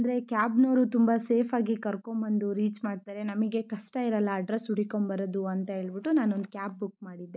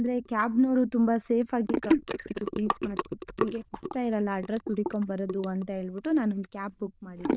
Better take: first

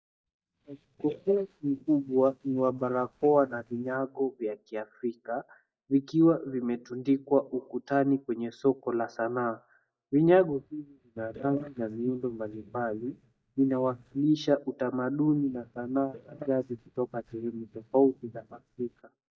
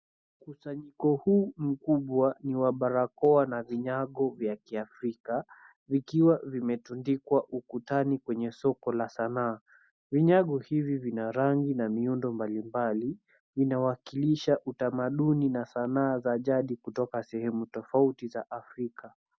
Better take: second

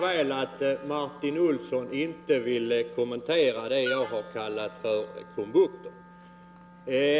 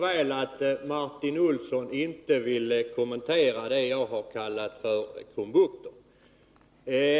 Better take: second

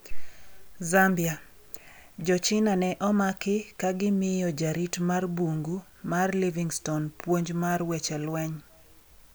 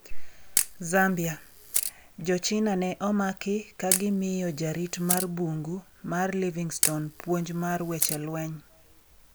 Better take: first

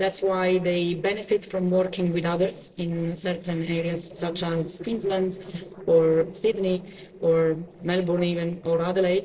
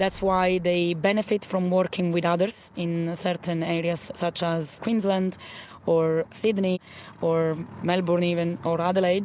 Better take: second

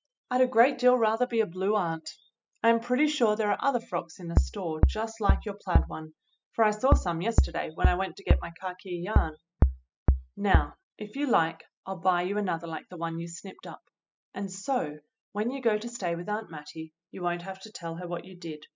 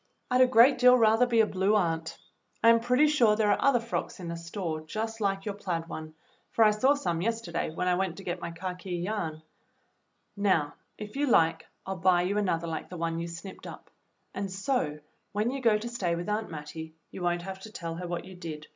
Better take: second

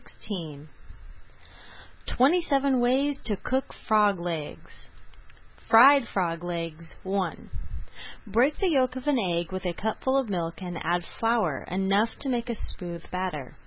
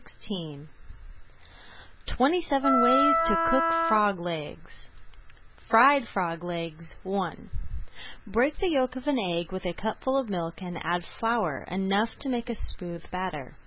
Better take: first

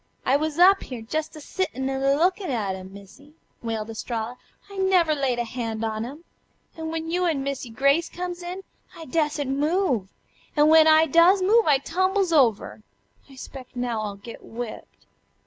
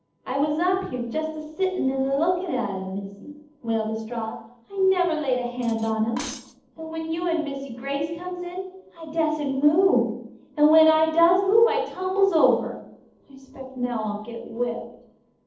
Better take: first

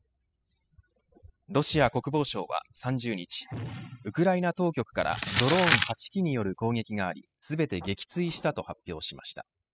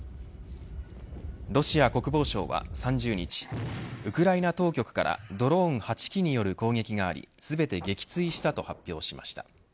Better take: second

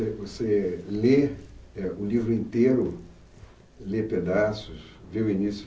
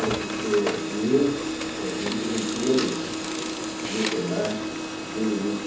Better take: first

